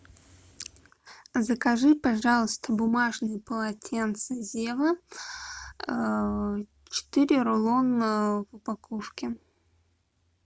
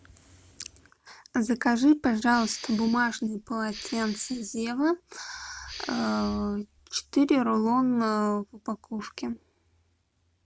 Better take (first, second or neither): first